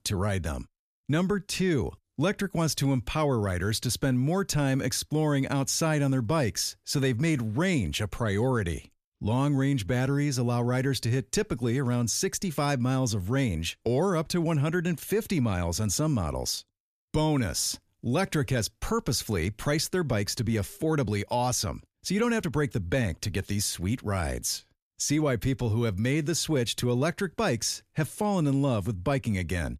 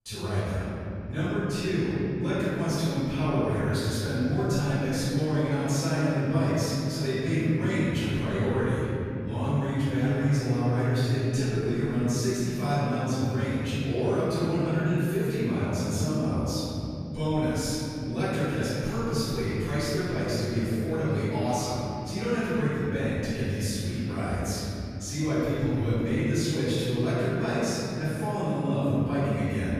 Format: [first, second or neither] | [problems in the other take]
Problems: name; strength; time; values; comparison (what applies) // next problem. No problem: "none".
first | off-mic speech; far // room echo; strong; dies away in 3 s